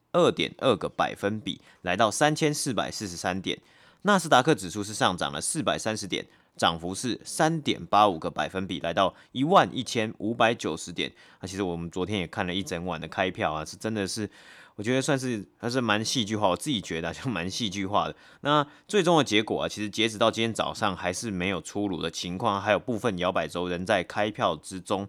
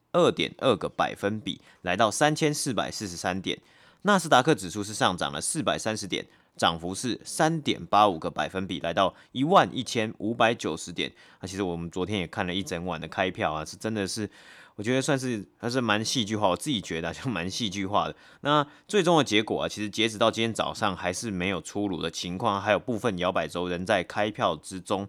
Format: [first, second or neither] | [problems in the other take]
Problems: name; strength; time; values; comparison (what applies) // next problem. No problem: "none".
neither | none